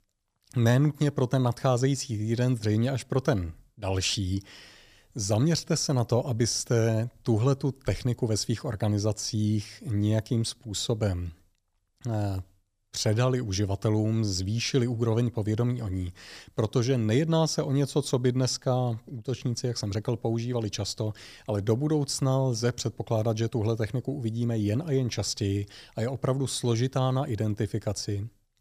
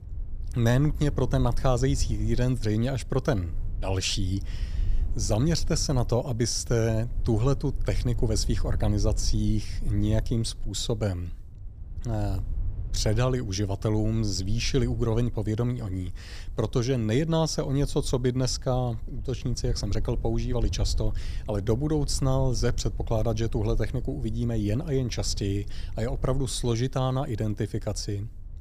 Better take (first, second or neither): first